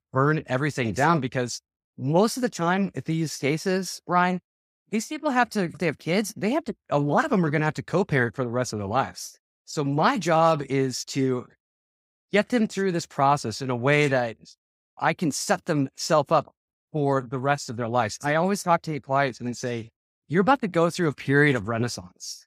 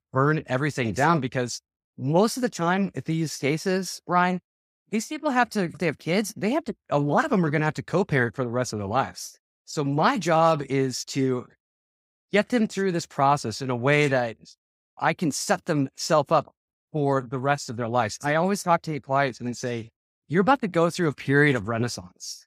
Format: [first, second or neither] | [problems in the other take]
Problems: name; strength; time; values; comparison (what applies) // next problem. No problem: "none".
neither | none